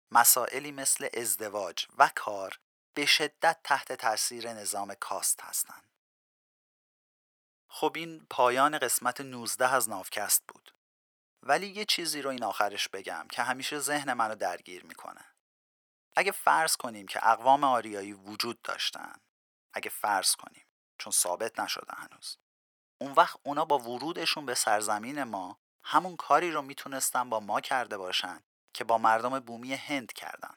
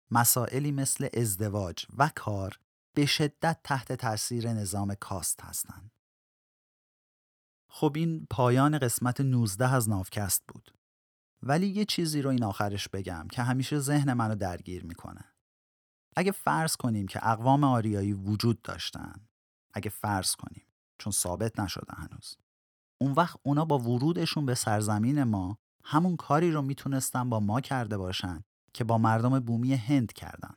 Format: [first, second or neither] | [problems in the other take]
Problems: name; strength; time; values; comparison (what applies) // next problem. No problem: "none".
second | thin; very; fading below 650 Hz